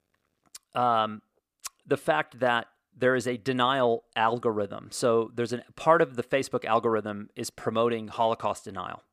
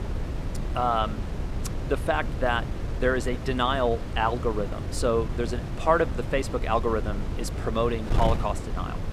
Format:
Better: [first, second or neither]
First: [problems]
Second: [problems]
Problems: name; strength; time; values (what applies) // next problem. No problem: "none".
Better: first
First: none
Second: wind noise on the microphone; occasional gusts; 15 dB below the speech